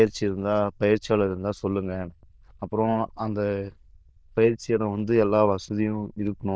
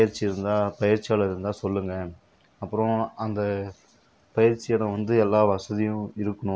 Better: second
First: noise reduction (neural diffusion model UNIVERSE++)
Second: none

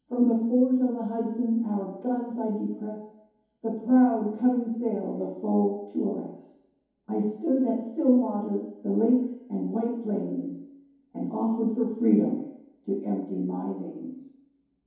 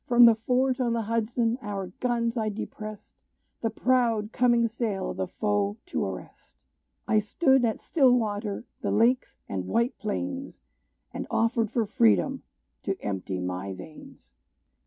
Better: second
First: room echo; dies away in 2.2 s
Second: none

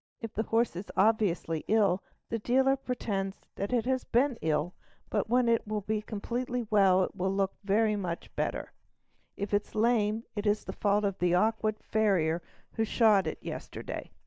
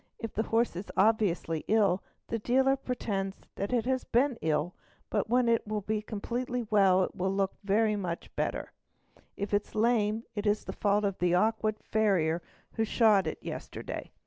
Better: second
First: noise reduction (neural mask model DeepFilterNet 3)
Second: none

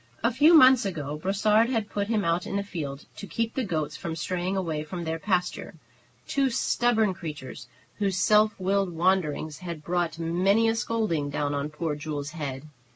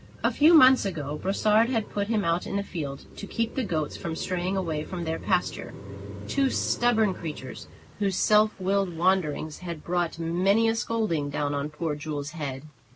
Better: first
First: none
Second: background sound (Car passing by); 16 dB below the speech

